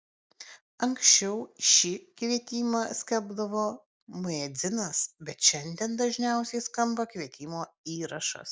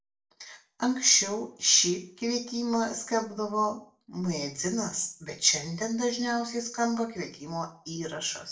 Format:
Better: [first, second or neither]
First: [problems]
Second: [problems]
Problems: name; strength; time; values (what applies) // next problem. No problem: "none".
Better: first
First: none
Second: room echo; dies away in 0.4 s